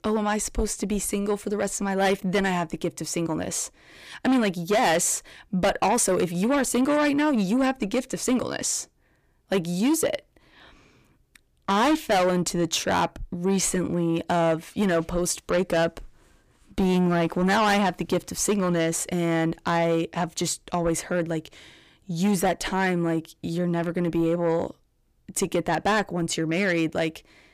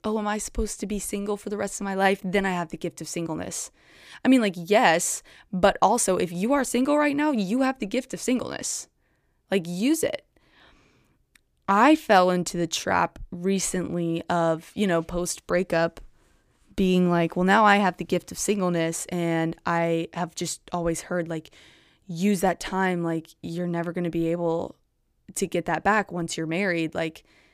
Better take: second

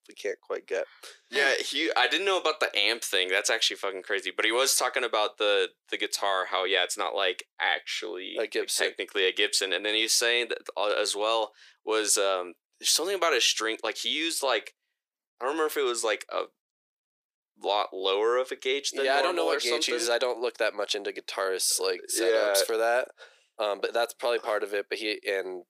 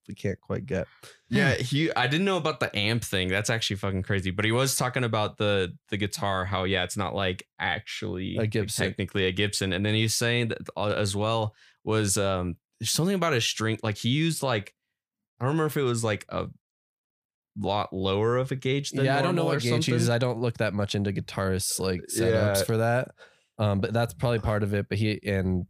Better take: second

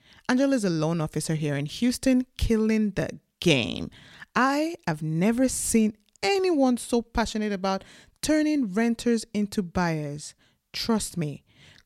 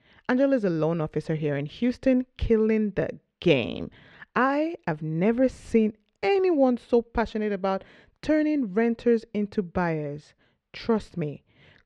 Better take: first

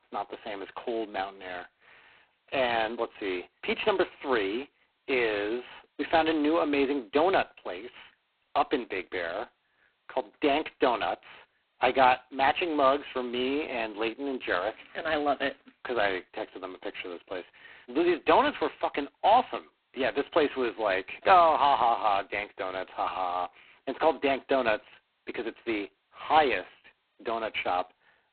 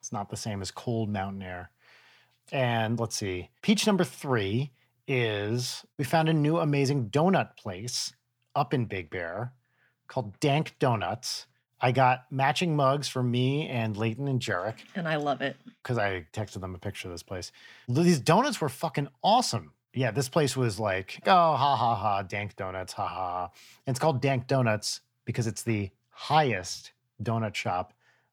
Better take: second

